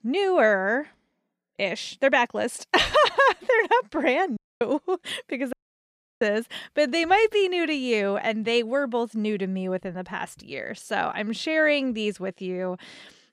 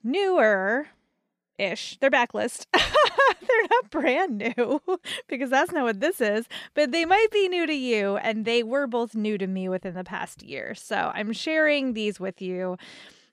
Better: second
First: audio cutting out; at 4.5 s and at 5.5 s for 0.5 s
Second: none

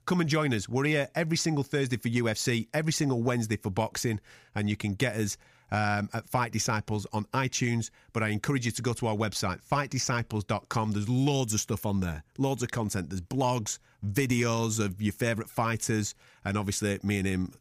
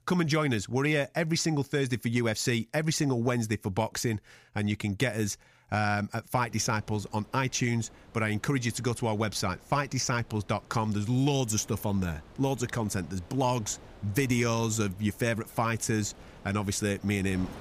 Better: first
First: none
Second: wind noise on the microphone; occasional gusts; from 6.5 s on; 25 dB below the speech

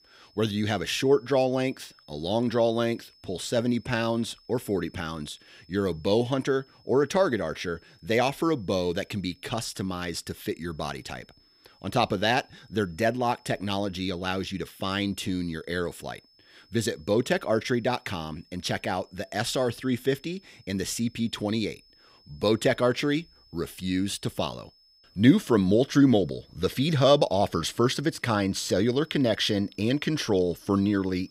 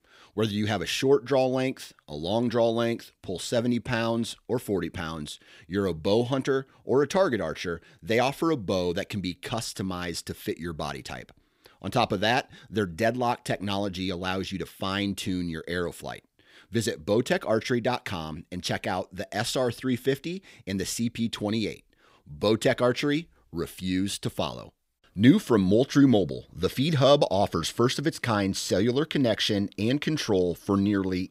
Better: second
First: high-pitched whine; faint; throughout; 5 kHz, 30 dB below the speech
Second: none

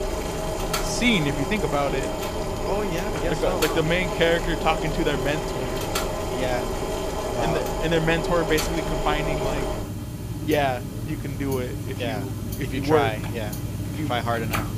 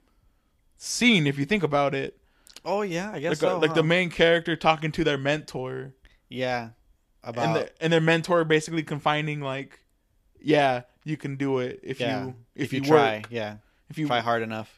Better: second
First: household noises; loud; throughout; 2 dB below the speech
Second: none

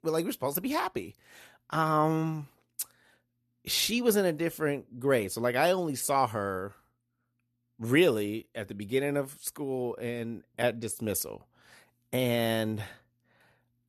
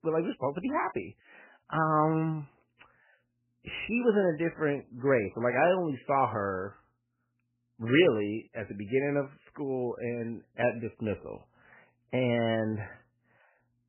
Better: first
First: none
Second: garbled, watery; badly; nothing above 3 kHz

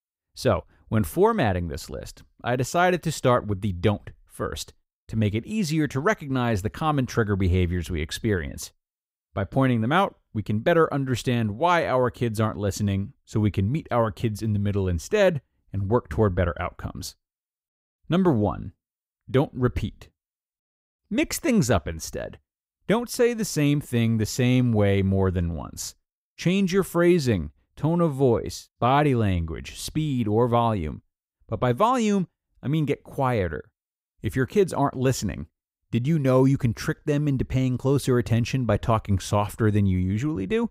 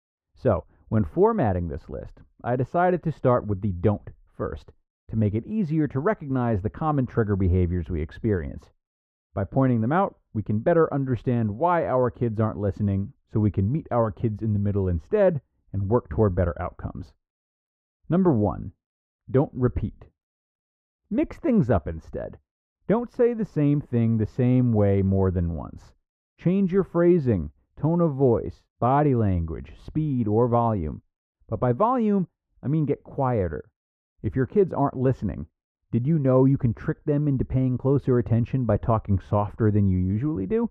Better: first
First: none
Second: muffled; very; fading above 3 kHz

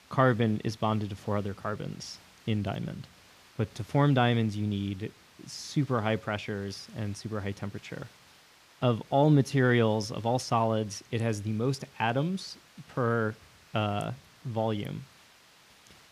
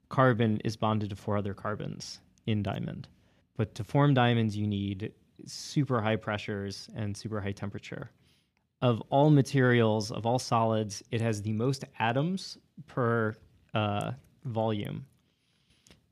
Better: second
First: hiss; faint; throughout; 25 dB below the speech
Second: none

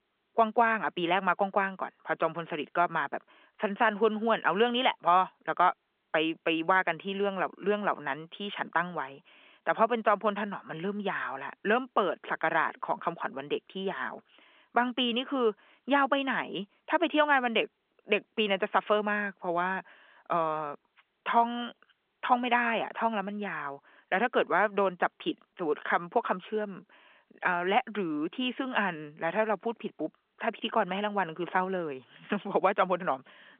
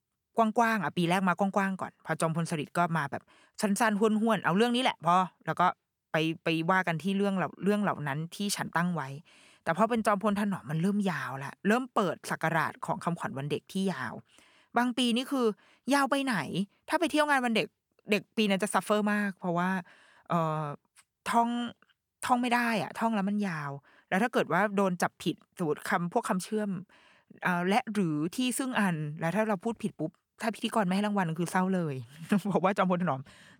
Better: second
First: phone-call audio; nothing above 3.5 kHz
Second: none

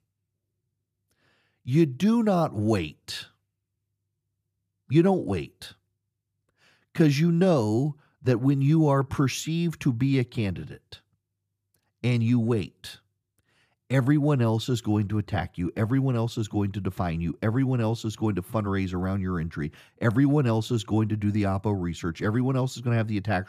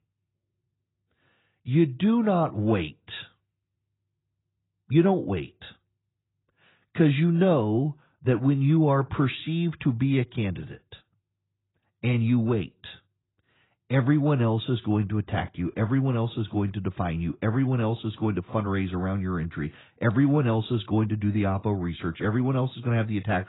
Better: first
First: none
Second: garbled, watery; badly; nothing above 4 kHz

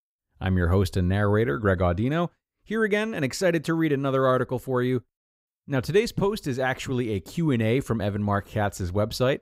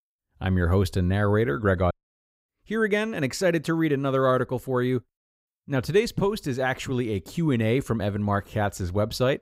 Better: first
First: none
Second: audio cutting out; at 2 s for 0.5 s

